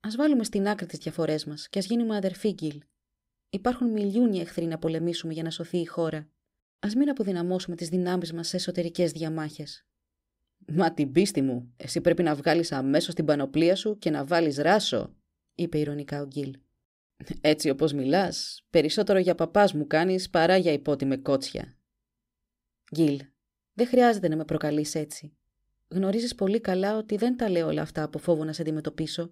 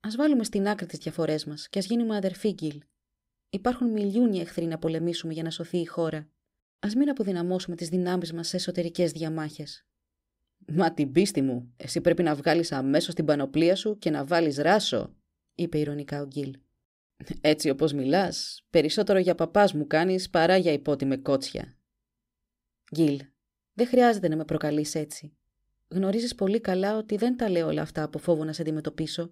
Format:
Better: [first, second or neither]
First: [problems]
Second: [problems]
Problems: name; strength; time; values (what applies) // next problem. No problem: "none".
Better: neither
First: none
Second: none